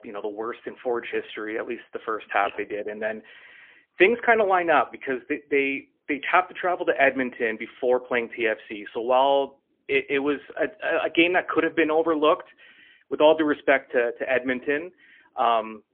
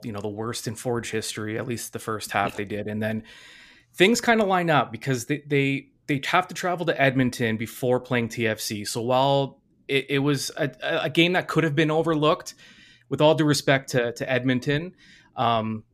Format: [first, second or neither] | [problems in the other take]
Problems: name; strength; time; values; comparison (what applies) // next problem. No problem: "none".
second | phone-call audio; poor line; nothing above 3.5 kHz